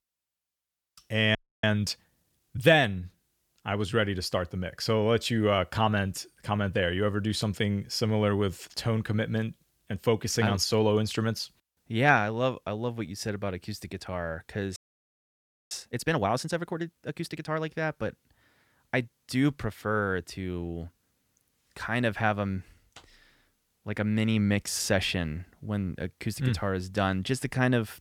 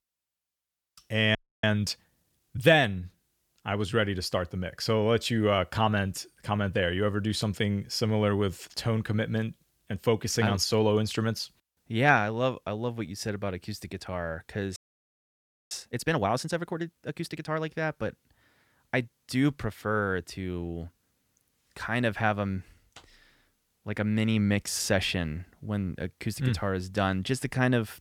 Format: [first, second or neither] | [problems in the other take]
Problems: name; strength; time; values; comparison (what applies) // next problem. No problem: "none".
neither | audio freezing; at 1.5 s and at 15 s for 1 s; the same in both